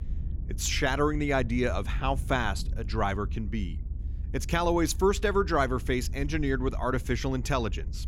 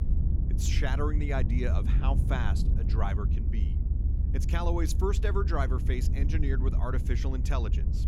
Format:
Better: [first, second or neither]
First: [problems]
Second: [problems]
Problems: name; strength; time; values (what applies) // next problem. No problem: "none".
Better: first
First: low rumble; faint; throughout; 25 dB below the speech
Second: low rumble; loud; throughout; 8 dB below the speech